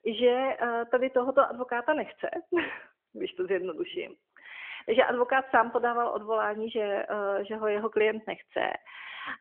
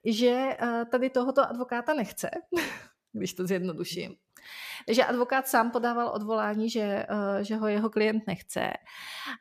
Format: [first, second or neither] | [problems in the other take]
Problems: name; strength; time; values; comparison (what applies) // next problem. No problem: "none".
second | phone-call audio; nothing above 3.5 kHz